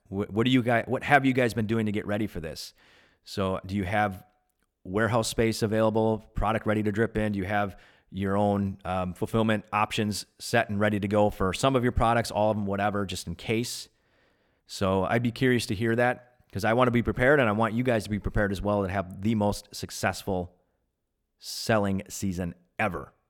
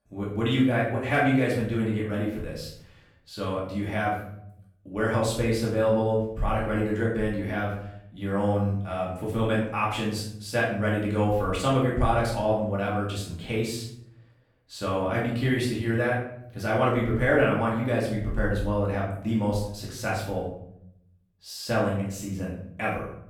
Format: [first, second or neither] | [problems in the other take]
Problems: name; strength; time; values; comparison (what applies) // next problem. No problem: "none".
first | room echo; noticeable; dies away in 0.6 s // off-mic speech; far